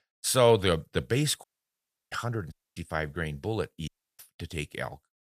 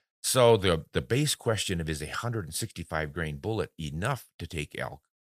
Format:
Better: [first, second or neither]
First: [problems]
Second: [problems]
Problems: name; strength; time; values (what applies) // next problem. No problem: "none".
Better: second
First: audio cutting out; at 1.5 s for 0.5 s, at 2.5 s and at 4 s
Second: none